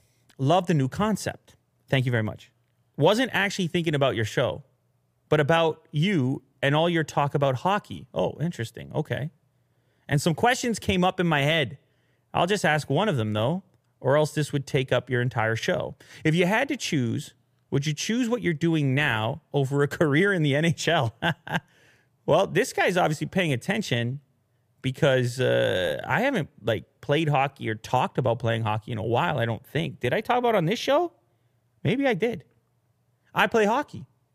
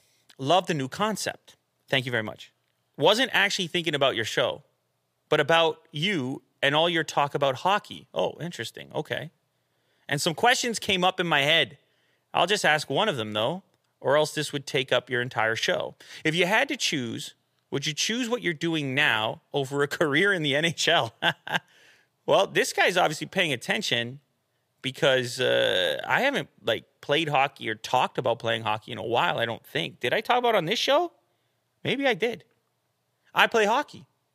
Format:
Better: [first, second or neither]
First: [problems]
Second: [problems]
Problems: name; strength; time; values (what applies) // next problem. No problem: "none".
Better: first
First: none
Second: thin; very slightly; fading below 500 Hz